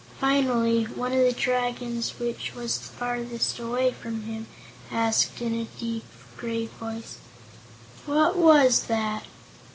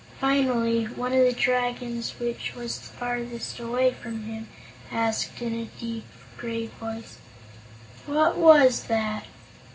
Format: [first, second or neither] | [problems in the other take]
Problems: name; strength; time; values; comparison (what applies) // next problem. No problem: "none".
first | room echo; dies away in 0.4 s